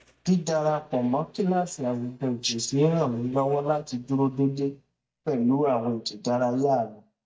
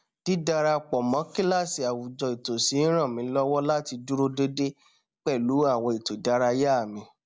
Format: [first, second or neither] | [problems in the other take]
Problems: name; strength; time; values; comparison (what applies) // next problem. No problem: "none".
second | noise reduction (neural mask model DeepFilterNet 3)